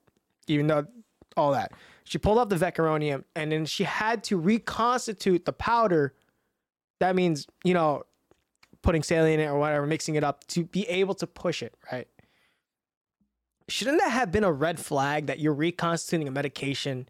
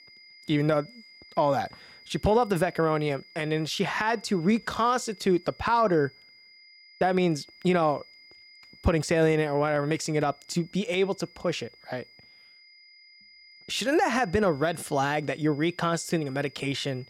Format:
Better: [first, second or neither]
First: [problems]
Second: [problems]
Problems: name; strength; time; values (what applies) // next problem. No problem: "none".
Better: first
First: none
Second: high-pitched whine; faint; throughout; 2 kHz, 25 dB below the speech